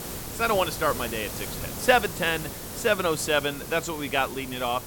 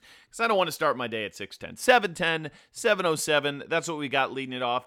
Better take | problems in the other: second | hiss; loud; throughout; 9 dB below the speech

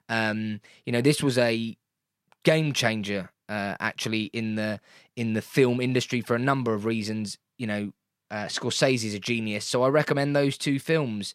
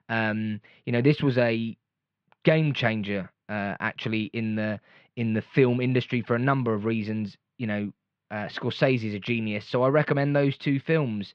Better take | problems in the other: first | muffled; slightly; fading above 3.5 kHz

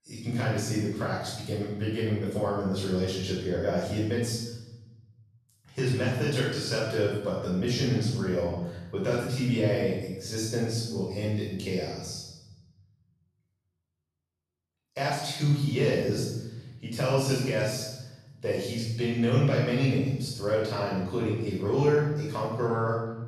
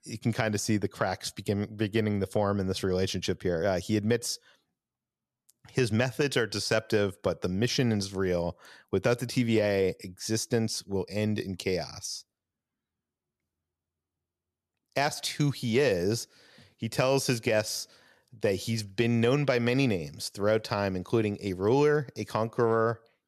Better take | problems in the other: second | room echo; strong; dies away in 1 s // off-mic speech; far

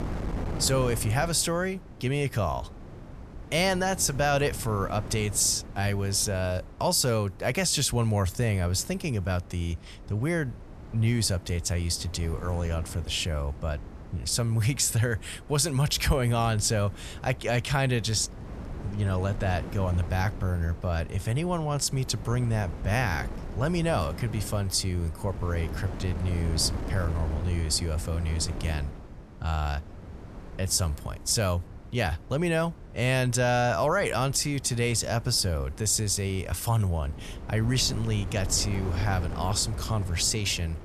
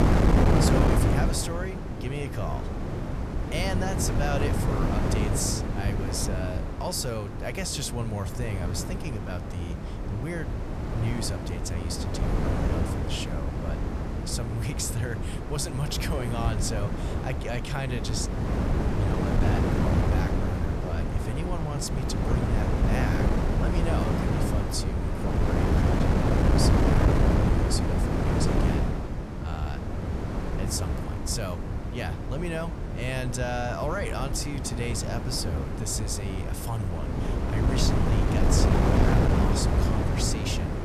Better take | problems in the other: first | wind noise on the microphone; heavy; 2 dB above the speech; occasional gusts in the first

